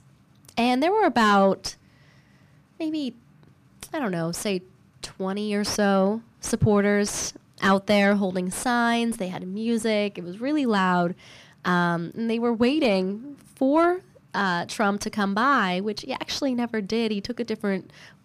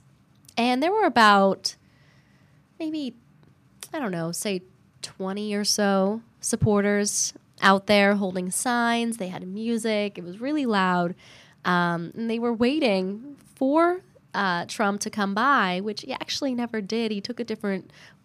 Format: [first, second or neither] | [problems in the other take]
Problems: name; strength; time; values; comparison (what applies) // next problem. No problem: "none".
second | distortion; slight; 10 dB below the speech